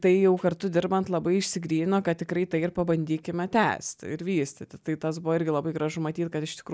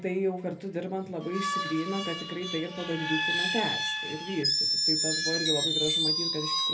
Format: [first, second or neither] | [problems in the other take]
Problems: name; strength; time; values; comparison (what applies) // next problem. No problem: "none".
first | background sound (Screech); 2 dB above the speech // room echo; dies away in 0.3 s